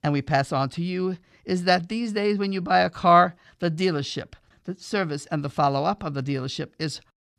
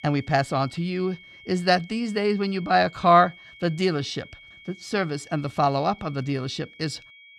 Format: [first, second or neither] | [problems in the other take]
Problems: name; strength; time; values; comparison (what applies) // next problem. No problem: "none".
first | high-pitched whine; faint; throughout; 2 kHz, 20 dB below the speech